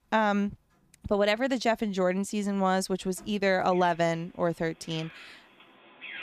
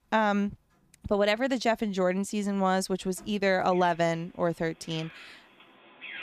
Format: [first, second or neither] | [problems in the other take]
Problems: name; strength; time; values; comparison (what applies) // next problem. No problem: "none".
neither | animal sounds; faint; throughout; 20 dB below the speech; the same in both